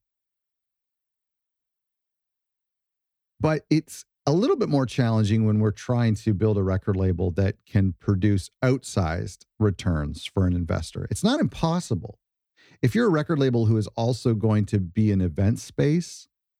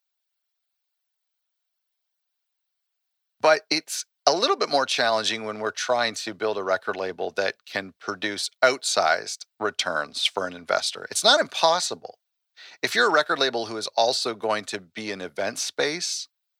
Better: first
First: none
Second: thin; very; fading below 800 Hz

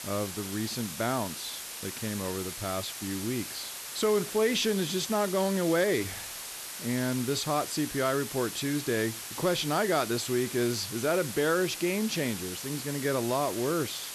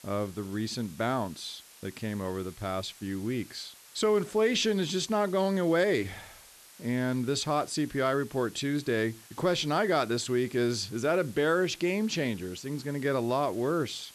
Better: second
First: hiss; loud; throughout; 7 dB below the speech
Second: hiss; faint; throughout; 20 dB below the speech

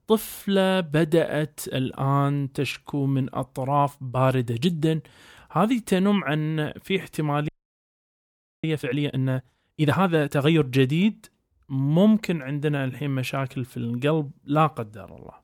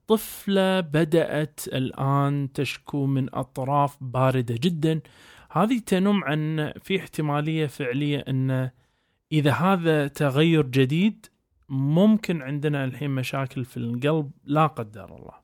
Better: second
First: audio freezing; at 7.5 s for 1 s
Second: none

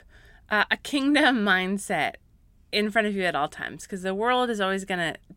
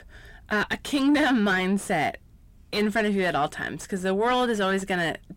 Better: first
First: none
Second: distortion; heavy; 7 dB below the speech

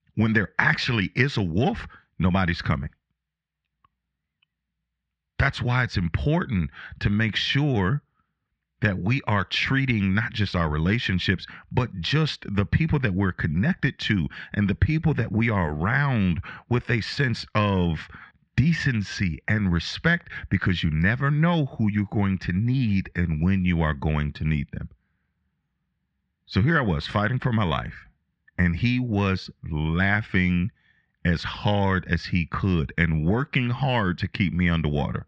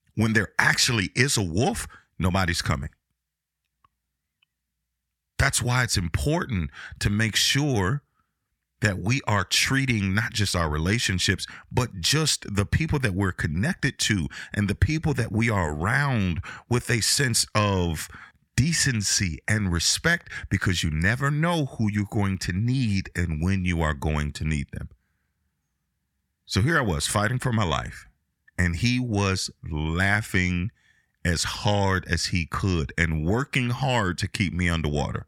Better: second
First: muffled; slightly; fading above 3.5 kHz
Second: none

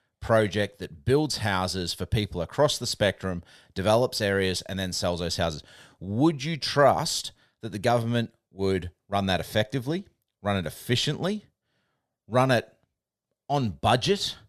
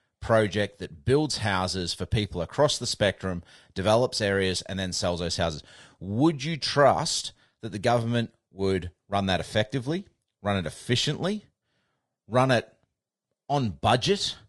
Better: first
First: none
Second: garbled, watery; slightly; nothing above 10.5 kHz

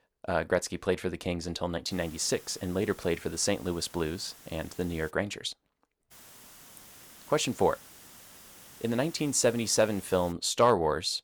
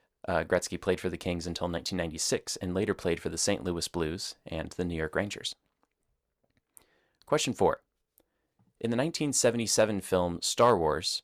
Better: second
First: hiss; noticeable; from 2 to 5 s and from 6 to 10 s; 20 dB below the speech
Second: none

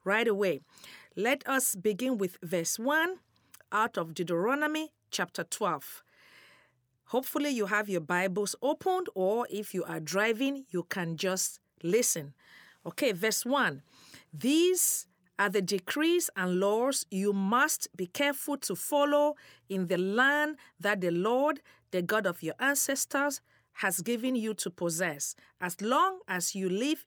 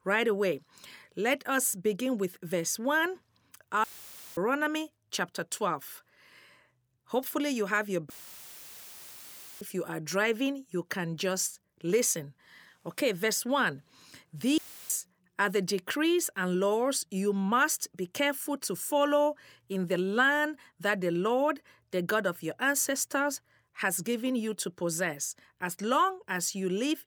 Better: first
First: none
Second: audio cutting out; filled with static; at 4 s for 0.5 s, at 8 s for 1.5 s and at 15 s

